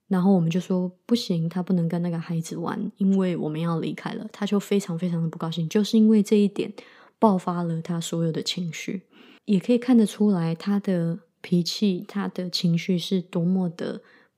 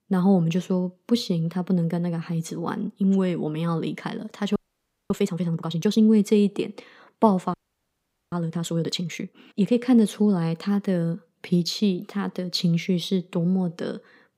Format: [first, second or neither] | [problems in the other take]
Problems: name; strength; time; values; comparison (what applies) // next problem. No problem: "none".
first | audio freezing; at 4.5 s for 0.5 s and at 7.5 s for 1 s